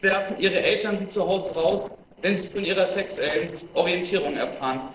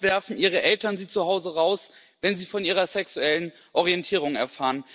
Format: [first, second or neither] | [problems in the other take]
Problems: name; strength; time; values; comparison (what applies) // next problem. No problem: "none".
second | noise reduction (neural separator model SepFormer DNS4)